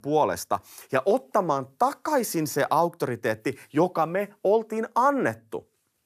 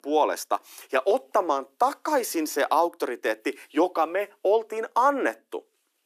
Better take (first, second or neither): first